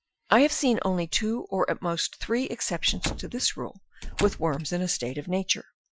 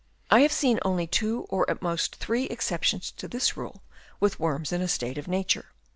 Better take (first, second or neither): second